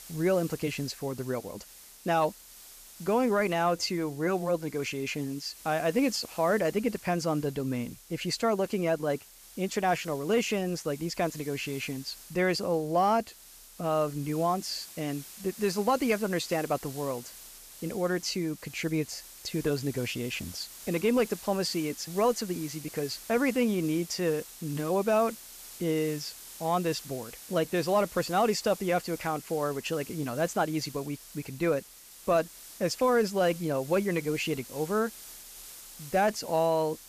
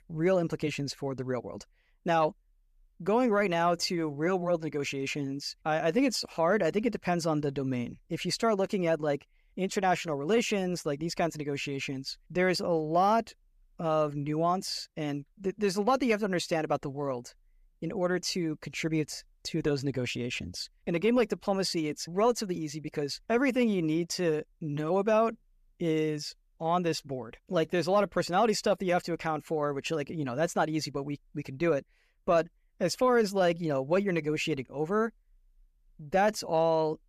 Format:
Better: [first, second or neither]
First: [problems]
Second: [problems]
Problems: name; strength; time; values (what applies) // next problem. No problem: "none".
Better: second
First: hiss; noticeable; throughout; 15 dB below the speech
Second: none